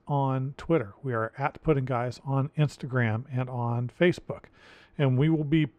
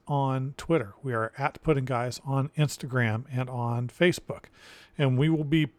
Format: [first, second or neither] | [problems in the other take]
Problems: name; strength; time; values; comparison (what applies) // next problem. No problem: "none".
second | muffled; slightly; fading above 2 kHz